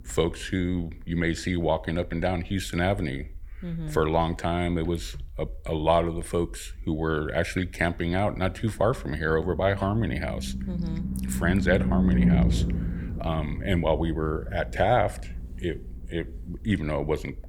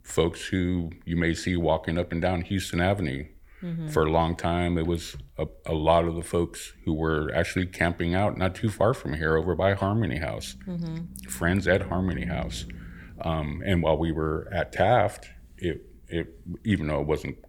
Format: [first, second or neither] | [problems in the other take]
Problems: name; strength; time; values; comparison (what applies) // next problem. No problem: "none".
second | low rumble; loud; throughout; 10 dB below the speech; faint in the second